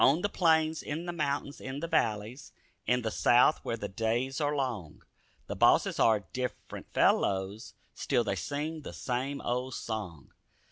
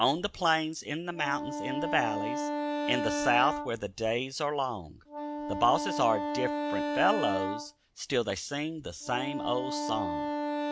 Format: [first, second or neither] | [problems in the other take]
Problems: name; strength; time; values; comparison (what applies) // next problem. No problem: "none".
first | background sound (Wind instrument, woodwind instrument); 3 dB below the speech